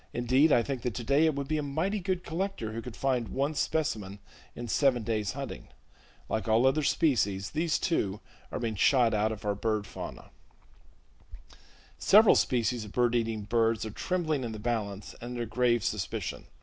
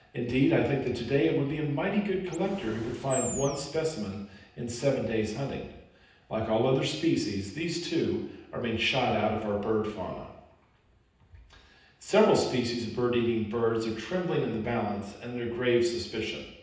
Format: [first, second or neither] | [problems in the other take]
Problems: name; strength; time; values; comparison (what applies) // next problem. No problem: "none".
first | background sound (Animal); 10 dB below the speech // room echo; dies away in 0.9 s